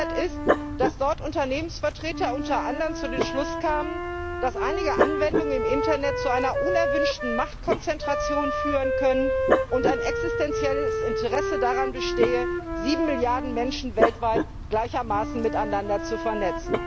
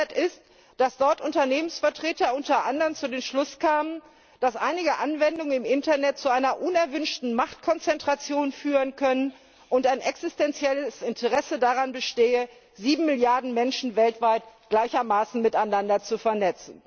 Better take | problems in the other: second | background sound (Wind instrument, woodwind instrument + Dog); 1 dB above the speech

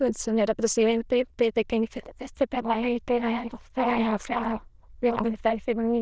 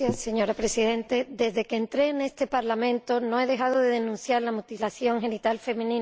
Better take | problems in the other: second | noise reduction (neural diffusion model UNIVERSE++)

